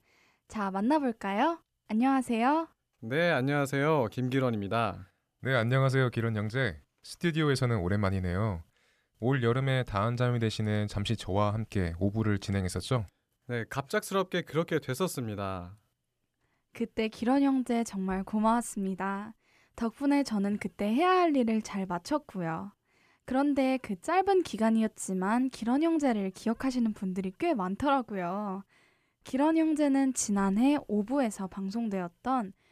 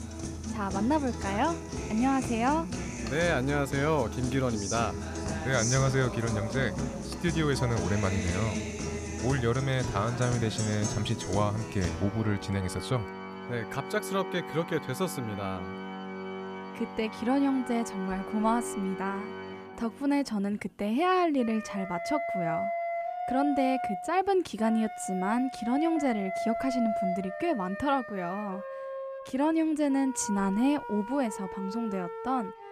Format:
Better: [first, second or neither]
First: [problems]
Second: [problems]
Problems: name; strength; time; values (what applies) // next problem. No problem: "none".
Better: first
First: none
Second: background music; loud; throughout; 6 dB below the speech